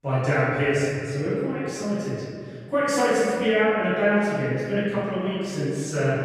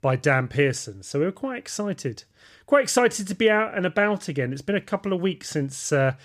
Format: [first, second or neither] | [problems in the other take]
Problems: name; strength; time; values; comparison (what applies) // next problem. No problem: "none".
second | room echo; strong; dies away in 2.2 s // off-mic speech; far